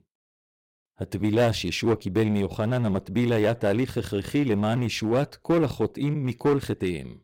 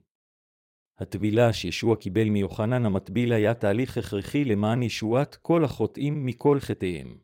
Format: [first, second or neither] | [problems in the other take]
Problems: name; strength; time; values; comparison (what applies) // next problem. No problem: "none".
second | distortion; slight; 6% of the sound clipped